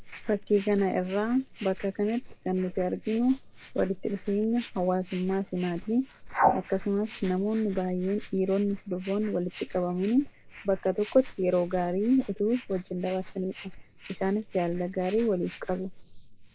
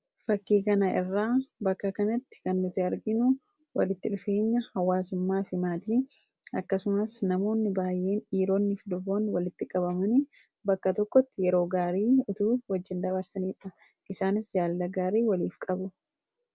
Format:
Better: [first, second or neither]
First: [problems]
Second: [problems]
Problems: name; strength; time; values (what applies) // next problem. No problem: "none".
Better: second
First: noise reduction (neural mask model Resemble Enhance denoiser)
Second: none